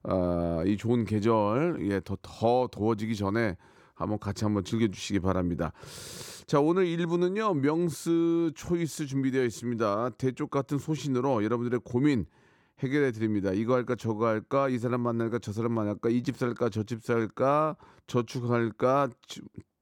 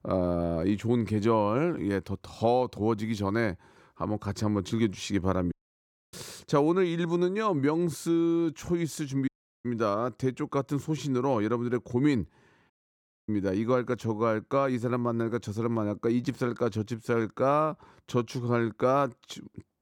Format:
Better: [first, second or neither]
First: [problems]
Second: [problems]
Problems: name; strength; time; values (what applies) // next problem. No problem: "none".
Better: first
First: none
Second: audio cutting out; at 5.5 s for 0.5 s, at 9.5 s and at 13 s for 0.5 s